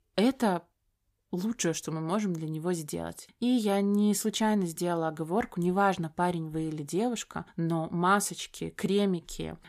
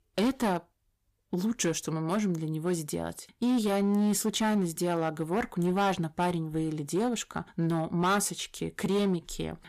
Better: first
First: none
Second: distortion; slight; 9% of the sound clipped

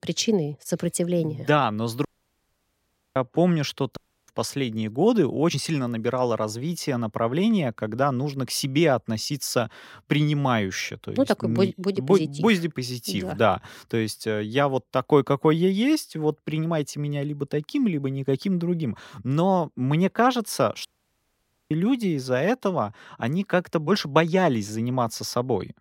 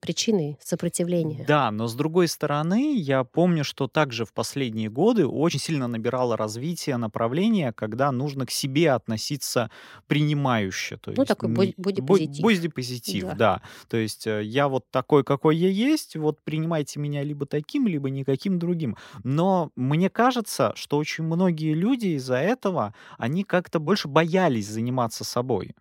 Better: second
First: audio cutting out; at 2 s for 1 s, at 4 s and at 21 s for 1 s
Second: none

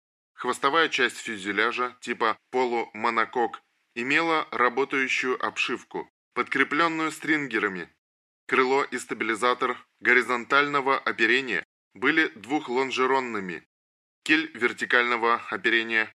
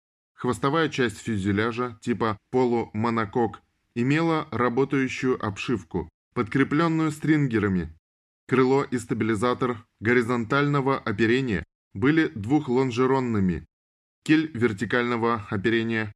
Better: second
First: thin; somewhat; fading below 450 Hz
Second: none

